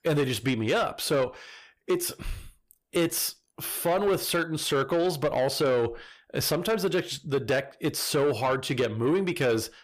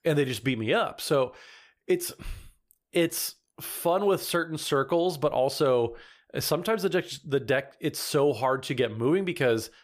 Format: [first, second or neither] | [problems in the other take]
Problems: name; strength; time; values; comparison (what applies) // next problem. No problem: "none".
second | distortion; slight; 10 dB below the speech